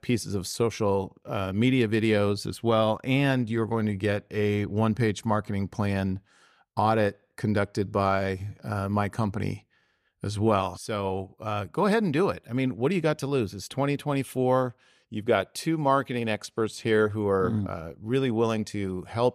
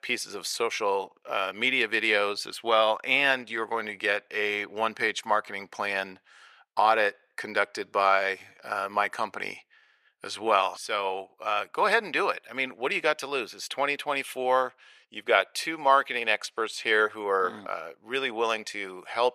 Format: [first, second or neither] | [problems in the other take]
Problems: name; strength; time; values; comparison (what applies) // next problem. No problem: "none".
first | thin; very; fading below 600 Hz